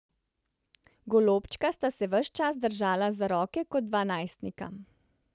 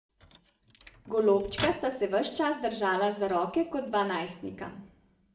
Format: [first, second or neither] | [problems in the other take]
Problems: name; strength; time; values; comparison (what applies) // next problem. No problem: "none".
first | background sound (Microwave oven); 13 dB below the speech // room echo; dies away in 0.5 s